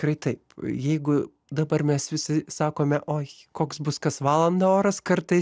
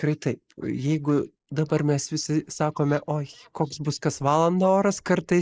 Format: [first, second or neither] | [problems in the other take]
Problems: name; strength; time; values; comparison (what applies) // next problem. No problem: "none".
first | noise reduction (neural mask model Resemble Enhance denoiser)